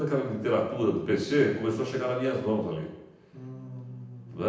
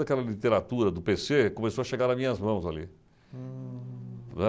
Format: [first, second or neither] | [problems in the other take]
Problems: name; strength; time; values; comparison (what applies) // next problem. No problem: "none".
second | room echo; dies away in 0.9 s